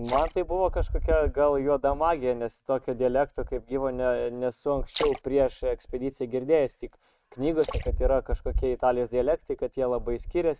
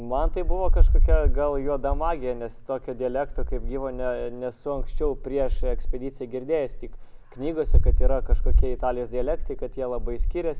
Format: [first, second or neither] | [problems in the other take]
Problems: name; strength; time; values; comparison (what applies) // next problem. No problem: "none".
second | noise reduction (neural mask model RNNoise)